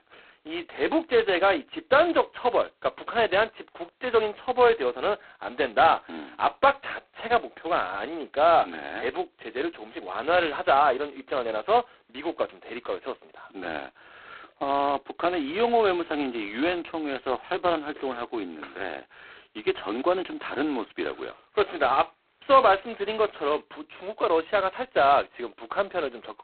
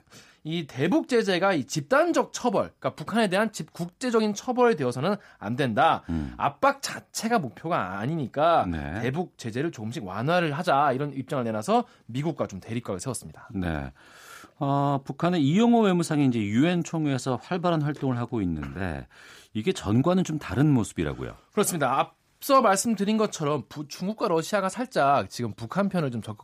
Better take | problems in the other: second | phone-call audio; poor line; nothing above 4 kHz

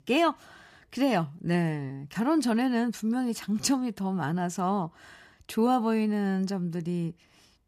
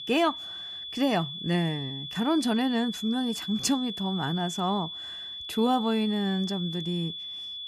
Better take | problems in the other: first | high-pitched whine; loud; throughout; 3.5 kHz, 7 dB below the speech

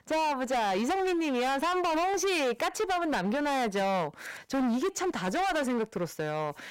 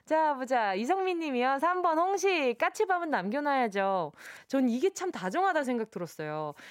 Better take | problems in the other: second | distortion; heavy; 30% of the sound clipped

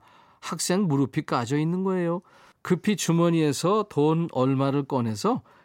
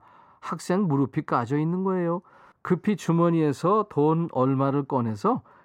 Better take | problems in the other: first | muffled; slightly; fading above 2 kHz

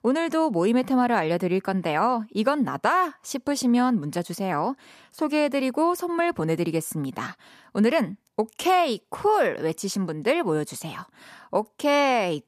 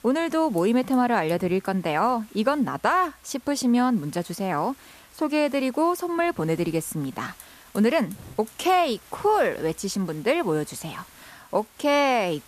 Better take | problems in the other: first | hiss; faint; throughout; 25 dB below the speech

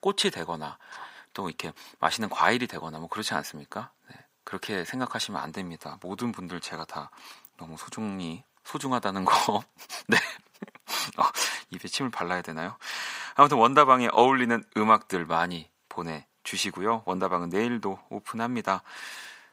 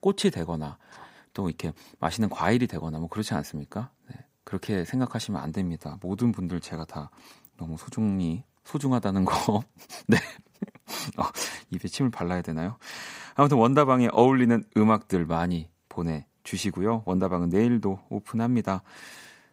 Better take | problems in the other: second | thin; somewhat; fading below 650 Hz

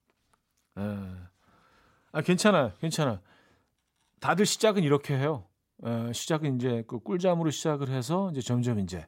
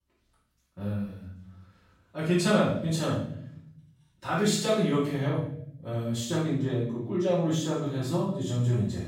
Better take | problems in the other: first | off-mic speech; far // room echo; noticeable; dies away in 0.7 s

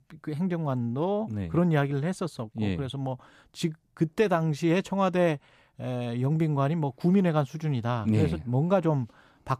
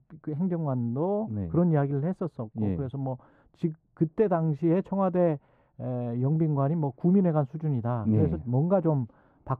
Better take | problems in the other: first | muffled; very; fading above 2 kHz

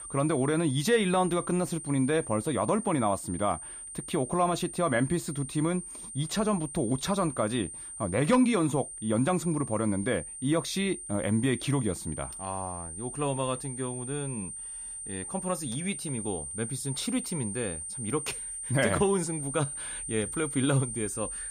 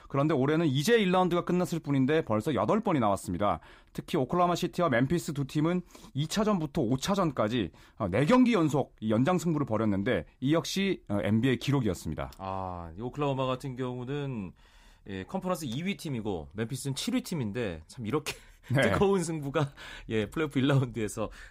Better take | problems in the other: second | high-pitched whine; loud; throughout; 9 kHz, 8 dB below the speech

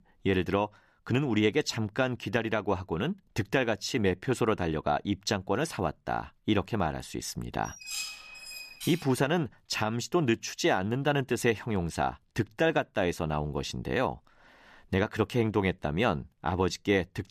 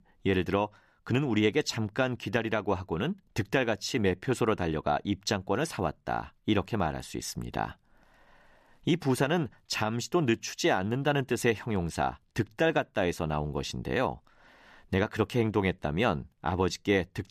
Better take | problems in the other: second | clattering dishes; noticeable; from 7.5 to 9 s; peak 5 dB below the speech

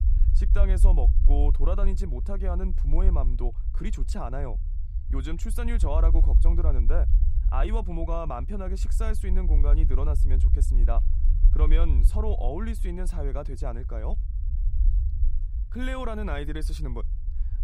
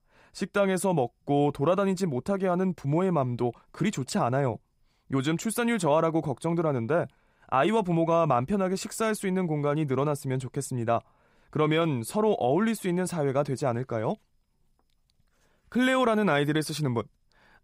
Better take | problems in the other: second | low rumble; noticeable; throughout; 10 dB below the speech

